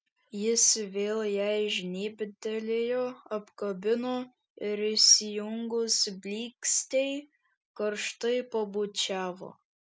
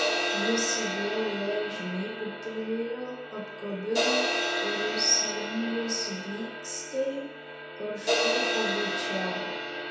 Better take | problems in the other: first | background sound (Crash cymbal); 1 dB above the speech // room echo; dies away in 0.7 s

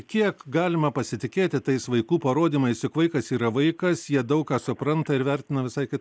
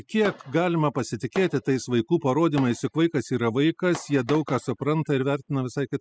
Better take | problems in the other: first | noise reduction (classical method spectral subtraction)

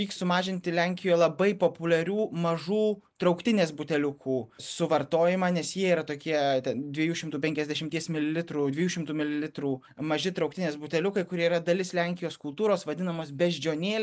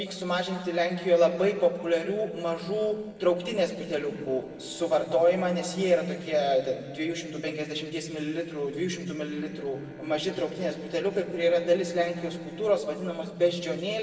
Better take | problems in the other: first | noise reduction (neural separator model SepFormer DNS4)

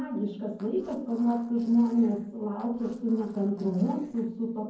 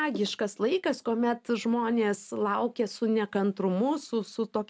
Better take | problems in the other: second | noise reduction (neural separator model SepFormer DNS4)

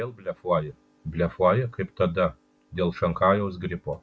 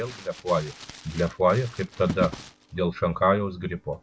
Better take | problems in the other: first | background sound (Crumpling, crinkling); 13 dB below the speech

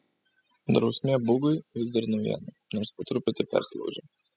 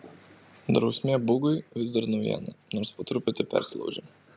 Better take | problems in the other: second | noise reduction (classical method spectral subtraction)

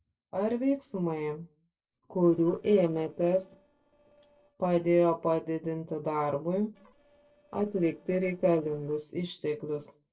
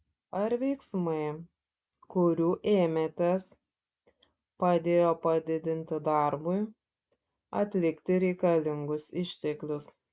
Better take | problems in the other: second | noise reduction (neural separator model SepFormer DNS4)

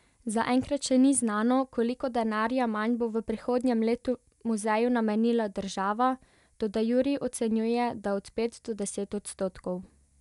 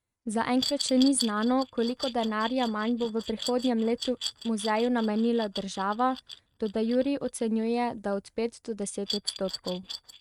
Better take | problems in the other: first | noise reduction (neural mask model RNNoise)

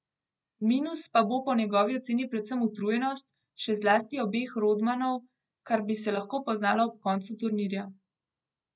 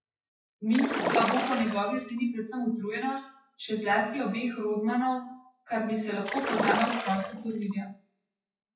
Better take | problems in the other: first | noise reduction (classical method WPE with log-MMSE)

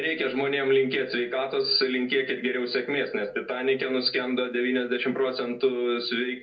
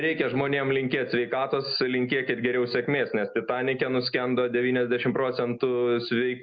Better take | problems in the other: second | room echo; dies away in 0.2 s

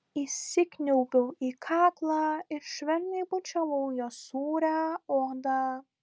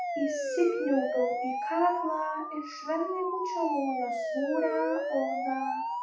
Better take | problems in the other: first | noise reduction (classical method WPE with log-MMSE)

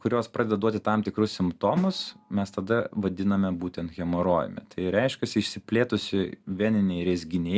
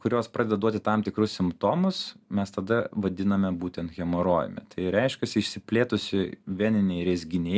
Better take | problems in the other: second | background sound (Drum); 18 dB below the speech

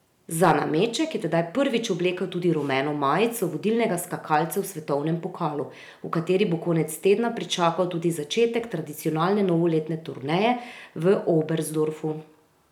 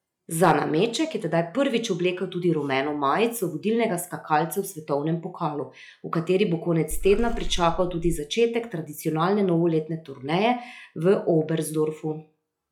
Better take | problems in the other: first | noise reduction (classical method log-MMSE)

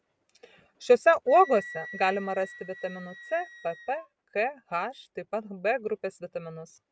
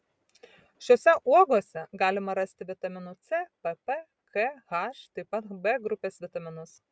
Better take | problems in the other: second | background sound (Wind instrument, woodwind instrument); 19 dB below the speech

